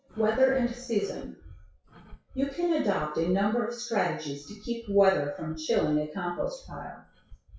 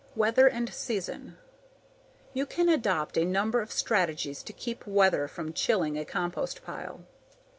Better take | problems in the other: second | noise reduction (classical method WPE with log-MMSE)

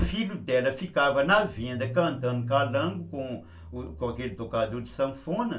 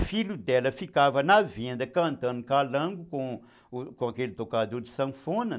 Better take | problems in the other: second | background sound (Engine starting / Car); 13 dB below the speech // room echo; dies away in 0.2 s

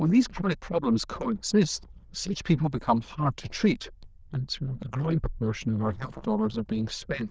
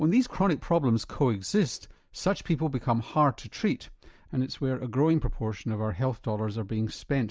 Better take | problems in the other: second | noise reduction (neural diffusion model UNIVERSE++)

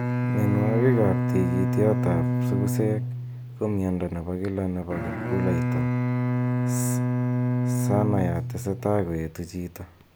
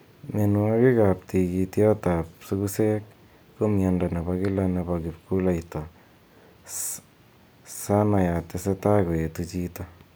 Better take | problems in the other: second | background sound (Bowed string instrument); 2 dB above the speech

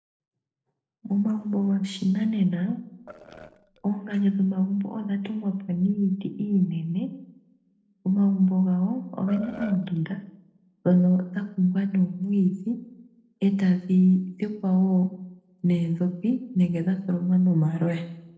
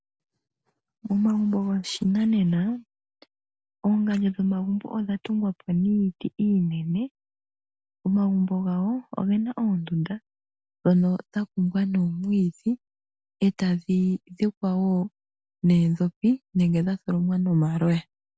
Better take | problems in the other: second | noise reduction (neural separator model SepFormer DNS4)

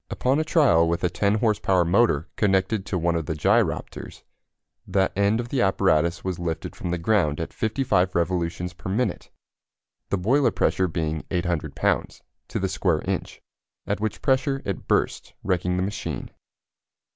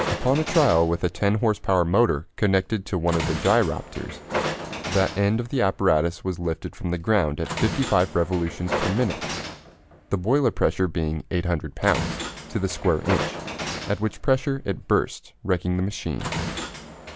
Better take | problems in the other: first | background sound (Train); 9 dB below the speech

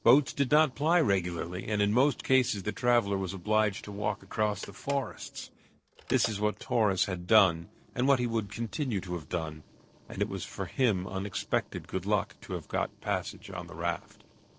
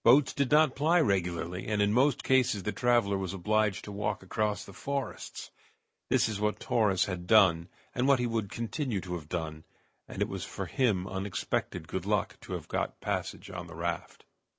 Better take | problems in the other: second | noise reduction (neural separator model SepFormer DNS4)

